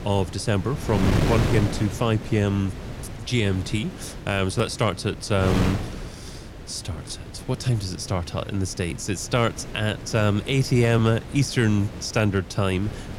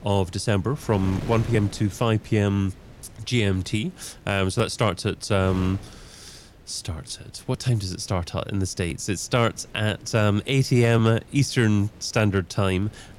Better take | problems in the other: second | wind noise on the microphone; heavy; 9 dB below the speech; occasional gusts in the second

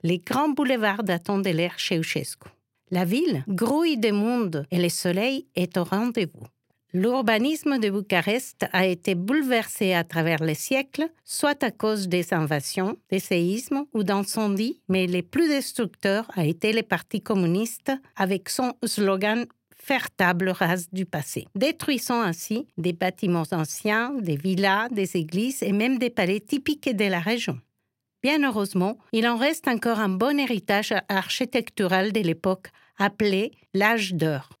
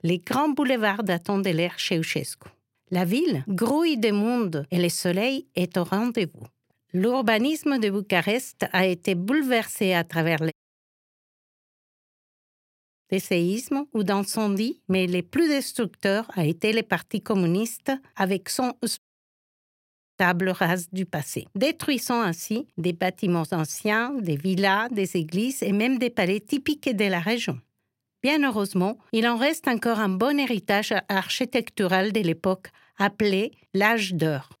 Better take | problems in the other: first | audio cutting out; at 11 s for 2.5 s and at 19 s for 1 s

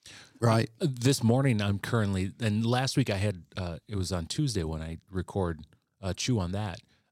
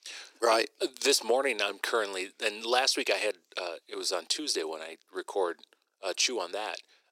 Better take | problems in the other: first | thin; very; fading below 350 Hz

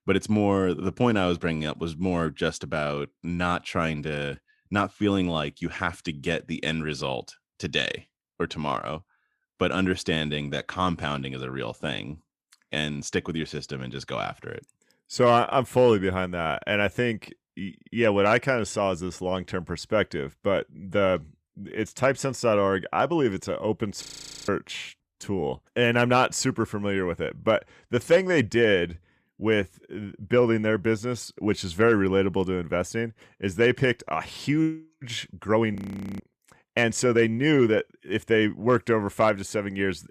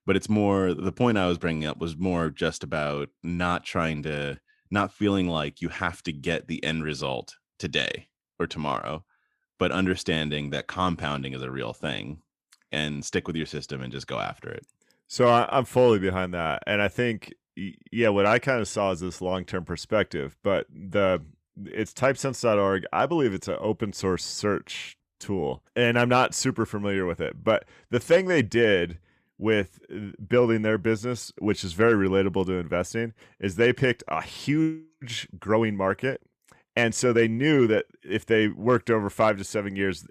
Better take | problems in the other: second | audio freezing; at 24 s and at 36 s

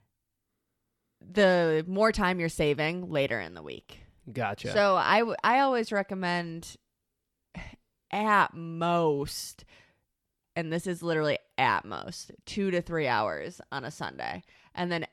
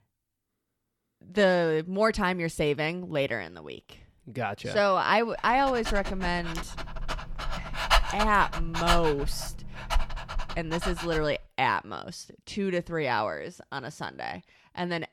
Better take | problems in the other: first | dog barking; loud; from 5.5 to 11 s; peak 4 dB above the speech

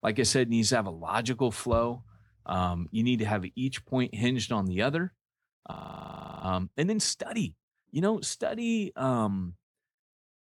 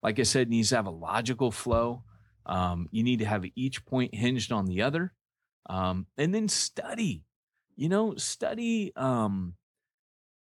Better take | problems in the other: second | audio freezing; at 5.5 s for 0.5 s

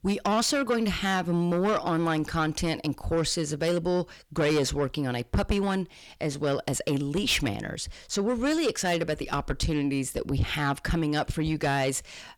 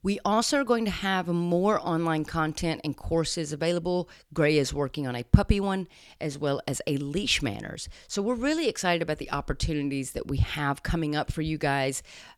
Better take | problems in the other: second | distortion; heavy; 8 dB below the speech

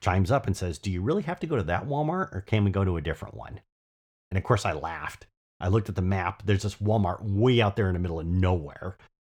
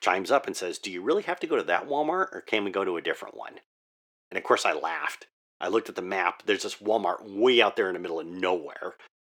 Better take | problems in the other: first | thin; very; fading below 350 Hz

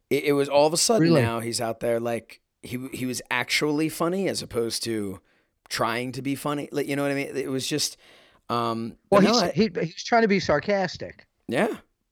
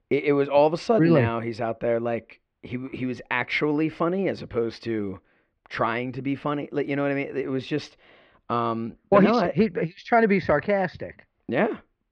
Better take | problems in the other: first | muffled; very; fading above 2.5 kHz

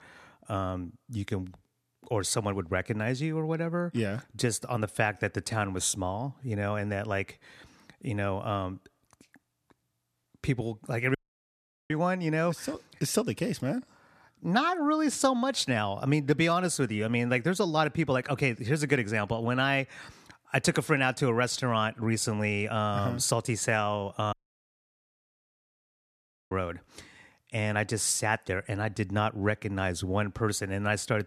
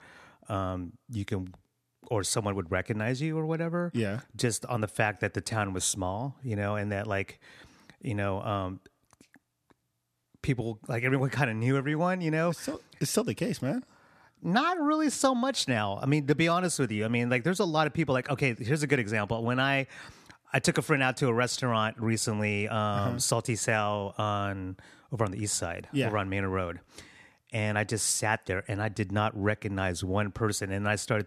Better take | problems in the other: second | audio cutting out; at 11 s for 1 s and at 24 s for 2 s

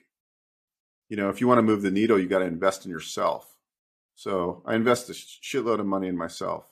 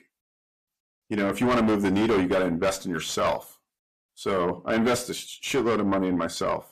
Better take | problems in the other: first | distortion; heavy; 5 dB below the speech

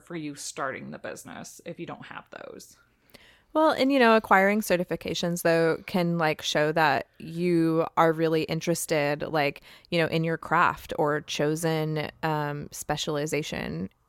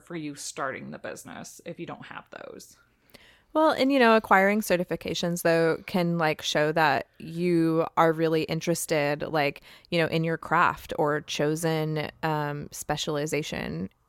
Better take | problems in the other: neither | none

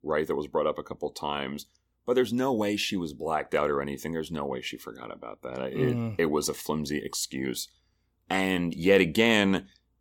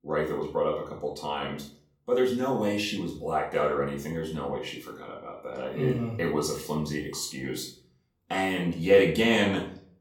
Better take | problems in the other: first | off-mic speech; far // room echo; slight; dies away in 0.4 s

